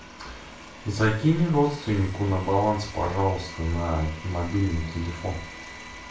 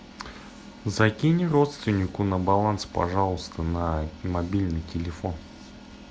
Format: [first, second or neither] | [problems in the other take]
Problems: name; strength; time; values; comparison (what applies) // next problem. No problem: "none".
second | background sound (Domestic sounds, home sounds); 17 dB below the speech // room echo; dies away in 0.3 s